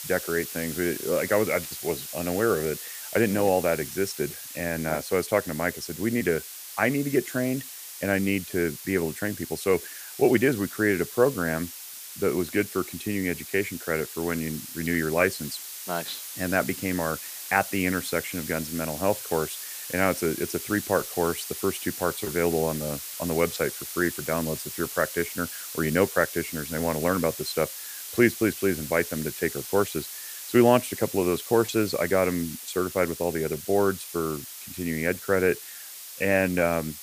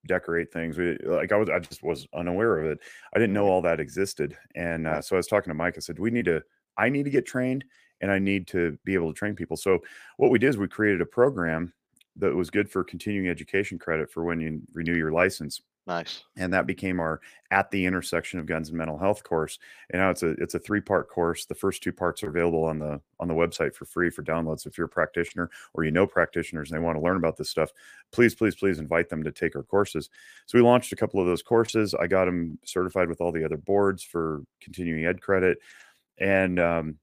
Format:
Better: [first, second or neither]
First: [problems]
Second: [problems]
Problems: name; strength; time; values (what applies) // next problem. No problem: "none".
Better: second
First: hiss; loud; throughout; 9 dB below the speech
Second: none